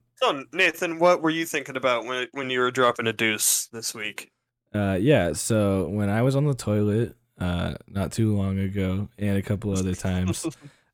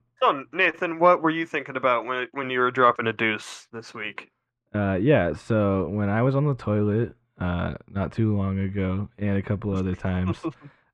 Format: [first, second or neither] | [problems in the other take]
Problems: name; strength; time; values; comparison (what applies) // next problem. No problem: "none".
first | muffled; very; fading above 2 kHz